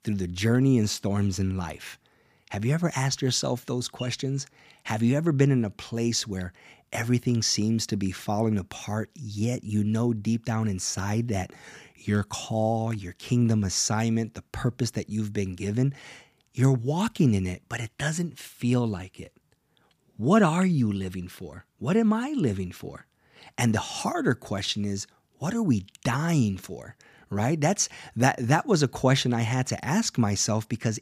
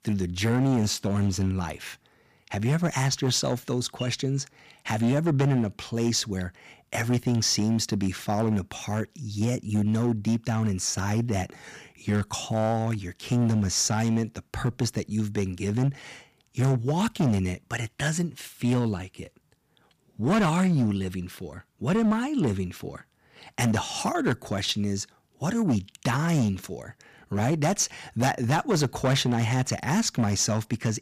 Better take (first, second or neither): first